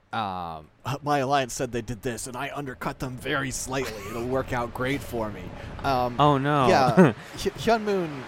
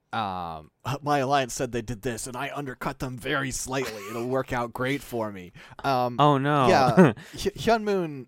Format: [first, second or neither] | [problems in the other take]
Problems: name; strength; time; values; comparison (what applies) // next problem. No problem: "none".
second | train or aircraft noise; noticeable; throughout; 15 dB below the speech